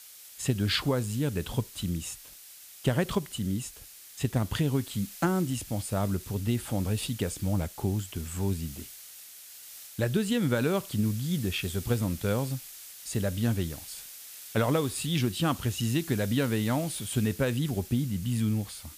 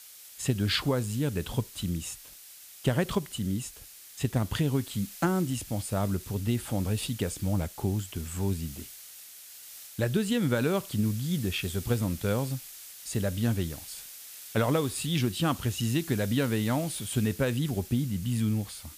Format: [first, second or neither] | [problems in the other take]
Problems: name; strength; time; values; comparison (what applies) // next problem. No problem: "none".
neither | hiss; noticeable; throughout; 15 dB below the speech; the same in both